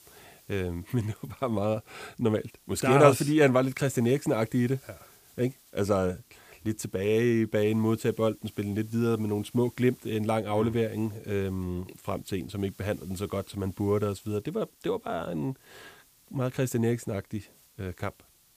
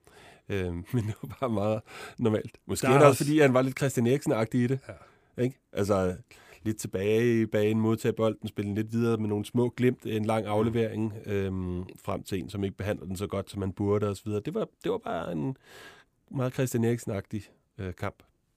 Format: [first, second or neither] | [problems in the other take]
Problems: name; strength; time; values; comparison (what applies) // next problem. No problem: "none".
second | hiss; faint; throughout; 25 dB below the speech